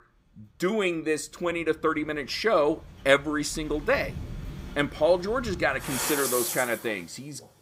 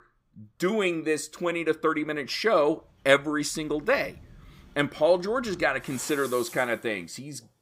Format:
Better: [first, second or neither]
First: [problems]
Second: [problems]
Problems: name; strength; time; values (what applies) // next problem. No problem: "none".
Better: second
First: rain or running water; loud; throughout; 7 dB below the speech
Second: rain or running water; faint; throughout; 20 dB below the speech